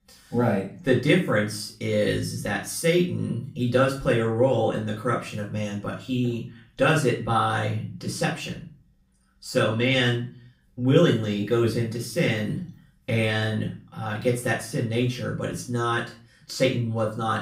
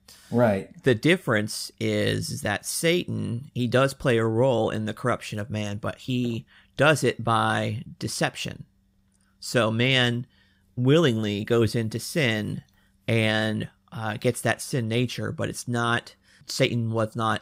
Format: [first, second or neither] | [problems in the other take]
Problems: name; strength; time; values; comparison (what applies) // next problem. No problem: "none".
second | off-mic speech; far // room echo; slight; dies away in 0.3 s